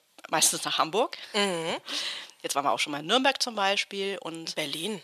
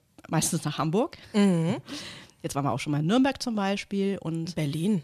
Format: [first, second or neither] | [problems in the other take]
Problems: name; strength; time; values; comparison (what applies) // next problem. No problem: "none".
second | thin; very; fading below 550 Hz